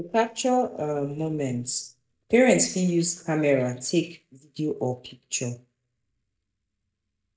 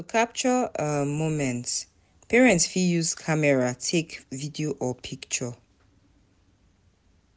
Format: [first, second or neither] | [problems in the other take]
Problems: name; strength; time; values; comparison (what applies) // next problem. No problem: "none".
second | noise reduction (neural mask model DeepFilterNet 3)